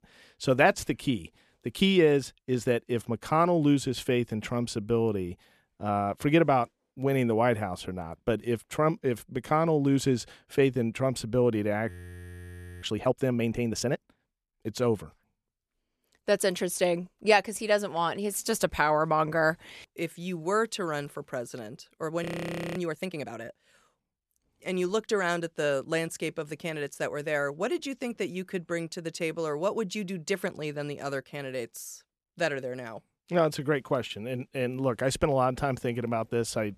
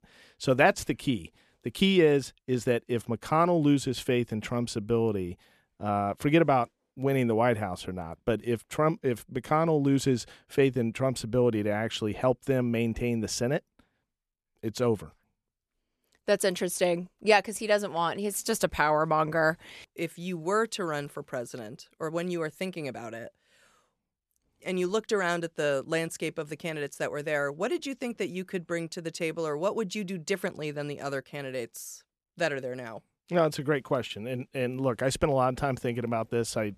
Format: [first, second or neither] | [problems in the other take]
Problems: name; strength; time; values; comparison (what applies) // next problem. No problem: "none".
second | audio freezing; at 12 s for 1 s and at 22 s for 0.5 s